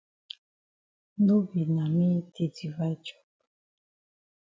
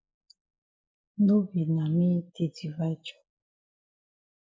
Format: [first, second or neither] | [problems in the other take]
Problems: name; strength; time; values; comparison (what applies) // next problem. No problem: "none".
first | noise reduction (neural mask model Resemble Enhance denoiser)